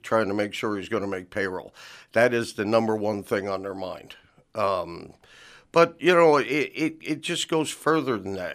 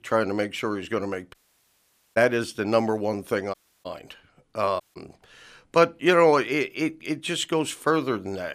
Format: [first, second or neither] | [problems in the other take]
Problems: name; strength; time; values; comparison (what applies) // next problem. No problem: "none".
first | audio cutting out; at 1.5 s for 1 s, at 3.5 s and at 5 s